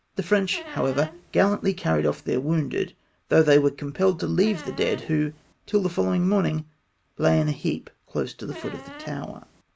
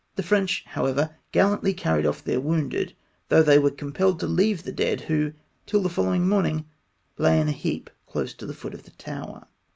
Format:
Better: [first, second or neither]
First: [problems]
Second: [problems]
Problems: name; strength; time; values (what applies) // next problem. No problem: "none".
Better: second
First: background sound (Squeak); 17 dB below the speech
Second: none